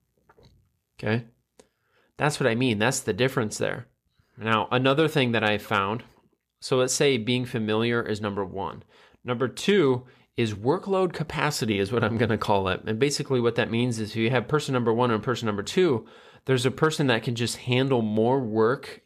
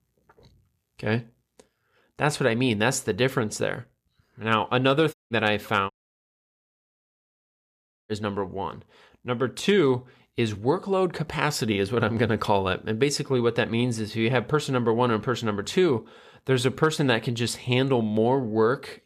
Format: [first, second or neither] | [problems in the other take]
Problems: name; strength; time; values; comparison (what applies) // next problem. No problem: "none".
first | audio cutting out; at 5 s and at 6 s for 2 s